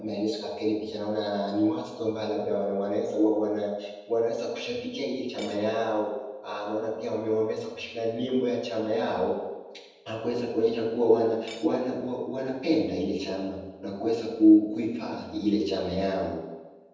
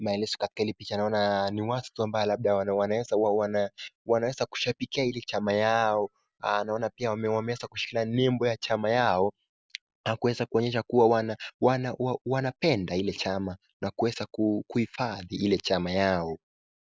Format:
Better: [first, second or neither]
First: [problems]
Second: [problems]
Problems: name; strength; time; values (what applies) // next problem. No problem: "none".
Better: second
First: background sound (Cutlery, silverware / Dishes, pots, and pans); 20 dB below the speech // room echo; dies away in 1.1 s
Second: none